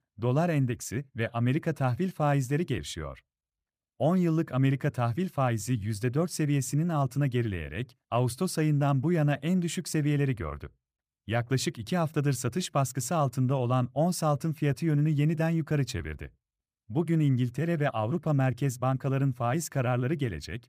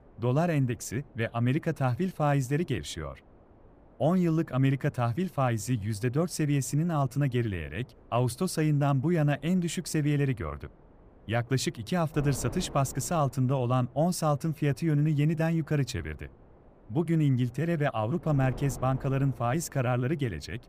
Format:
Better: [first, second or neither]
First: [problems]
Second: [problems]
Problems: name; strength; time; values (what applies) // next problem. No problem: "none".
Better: first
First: none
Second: wind noise on the microphone; occasional gusts; 20 dB below the speech